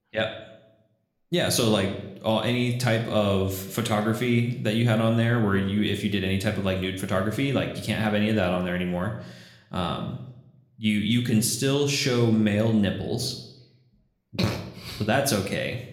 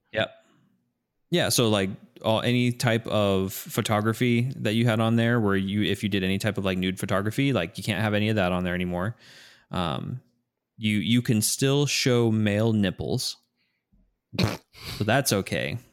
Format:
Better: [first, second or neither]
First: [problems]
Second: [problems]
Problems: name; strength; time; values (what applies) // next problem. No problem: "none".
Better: second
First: room echo; slight; dies away in 0.6 s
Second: none